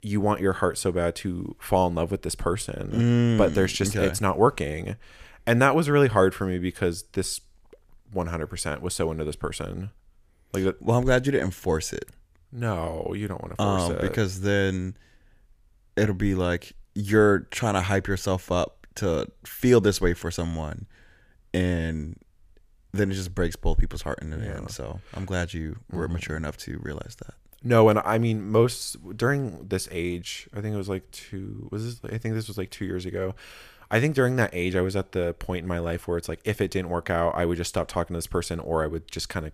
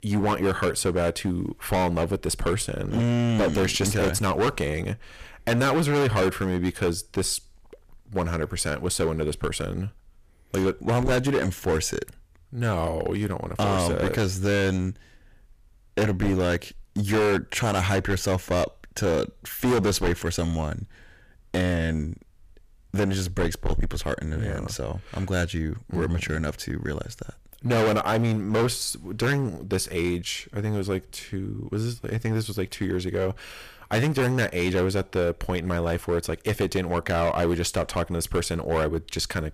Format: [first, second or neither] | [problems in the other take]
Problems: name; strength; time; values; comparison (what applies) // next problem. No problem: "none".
first | distortion; heavy; 11% of the sound clipped